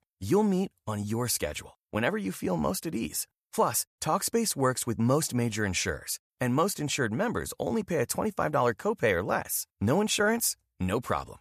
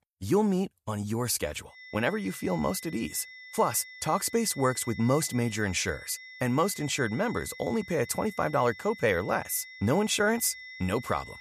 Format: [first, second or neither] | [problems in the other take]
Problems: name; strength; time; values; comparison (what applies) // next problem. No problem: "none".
first | high-pitched whine; noticeable; from 2 s on; 2 kHz, 15 dB below the speech